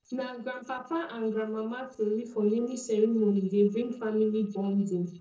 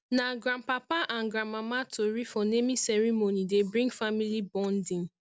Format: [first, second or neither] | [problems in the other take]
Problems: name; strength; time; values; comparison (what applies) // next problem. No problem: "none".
second | noise reduction (neural separator model SepFormer DNS4)